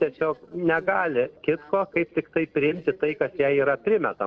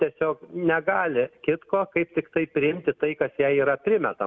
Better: second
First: noise reduction (neural separator model SepFormer DNS4)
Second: none

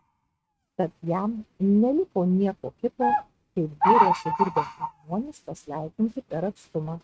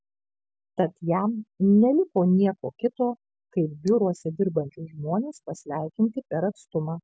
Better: second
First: noise reduction (neural mask model RNNoise)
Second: none

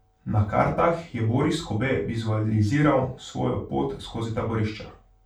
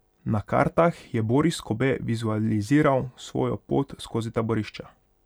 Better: second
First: room echo; dies away in 0.3 s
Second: none

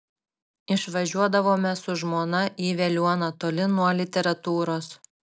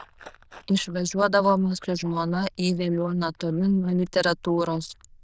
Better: first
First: none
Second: noise reduction (neural diffusion model UNIVERSE++)

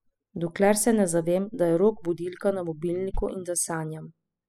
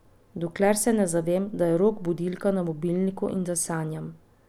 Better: second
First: noise reduction (classical method spectral subtraction)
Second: none

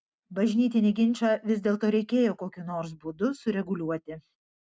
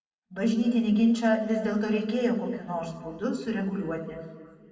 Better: first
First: none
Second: room echo; dies away in 1.8 s

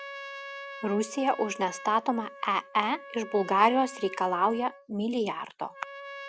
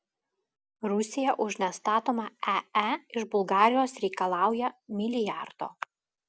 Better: second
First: background sound (Trumpet); 15 dB below the speech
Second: none

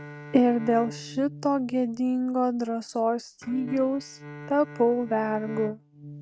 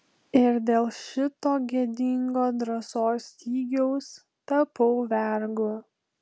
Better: second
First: noise reduction (neural mask model RNNoise)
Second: none

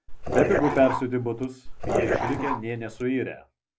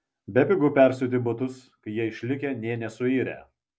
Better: second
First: background sound (Dog); 1 dB below the speech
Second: none

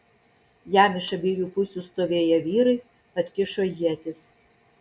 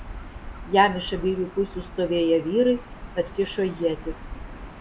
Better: first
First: none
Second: background sound (Gull, seagull / Ocean); 13 dB below the speech

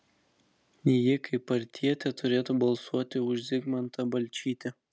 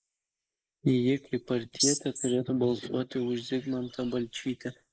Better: first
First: none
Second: noise reduction (neural mask model Resemble Enhance denoiser)

